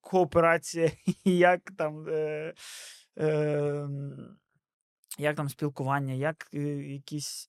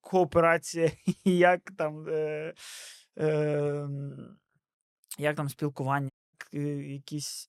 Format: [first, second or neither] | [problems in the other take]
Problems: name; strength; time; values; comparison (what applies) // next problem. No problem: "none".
first | audio cutting out; at 6 s